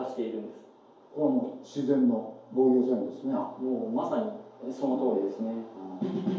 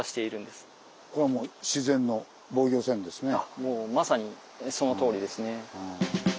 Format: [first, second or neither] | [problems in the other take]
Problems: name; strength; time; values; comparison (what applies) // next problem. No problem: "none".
second | room echo; dies away in 2.4 s